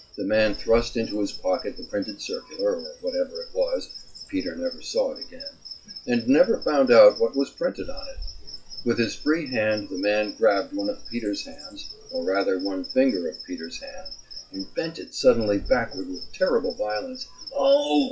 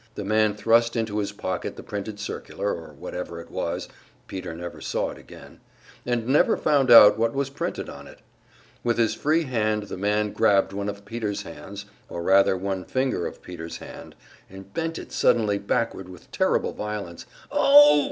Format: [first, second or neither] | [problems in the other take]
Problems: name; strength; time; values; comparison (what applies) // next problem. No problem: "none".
second | noise reduction (classical method WPE with log-MMSE)